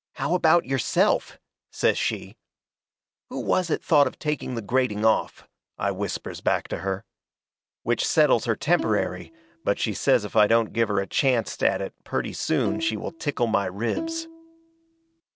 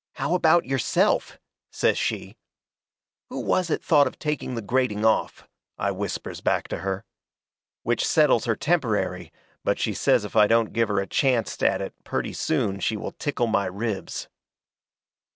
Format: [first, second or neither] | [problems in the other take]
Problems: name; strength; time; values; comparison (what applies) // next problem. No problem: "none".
second | background sound (Bowed string instrument); 11 dB below the speech